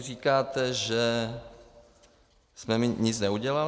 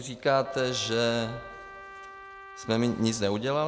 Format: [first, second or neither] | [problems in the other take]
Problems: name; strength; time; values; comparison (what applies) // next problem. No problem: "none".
first | background sound (Trumpet); 17 dB below the speech